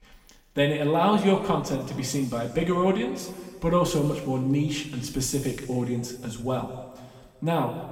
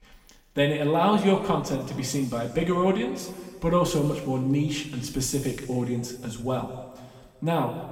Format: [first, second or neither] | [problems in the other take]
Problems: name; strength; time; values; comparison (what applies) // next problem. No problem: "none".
neither | room echo; noticeable; dies away in 1.7 s; the same in both // off-mic speech; far; the same in both